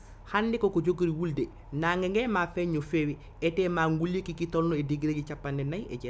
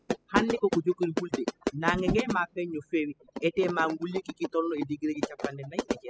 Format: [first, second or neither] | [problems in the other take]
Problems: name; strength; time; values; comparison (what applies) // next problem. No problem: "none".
first | noise reduction (classical method spectral subtraction)